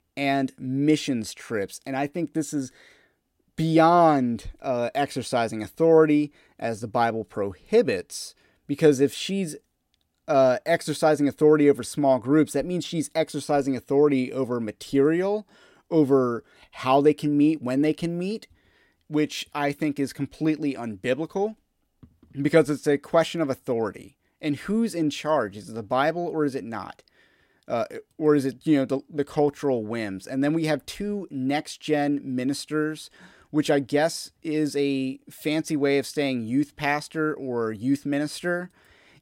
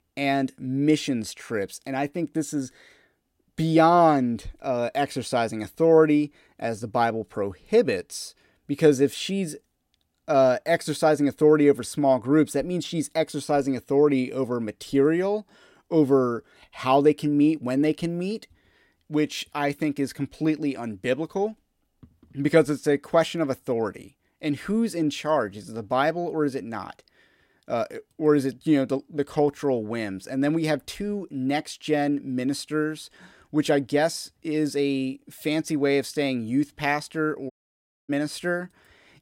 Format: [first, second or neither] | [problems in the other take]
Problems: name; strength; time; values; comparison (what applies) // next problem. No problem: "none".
first | audio cutting out; at 38 s for 0.5 s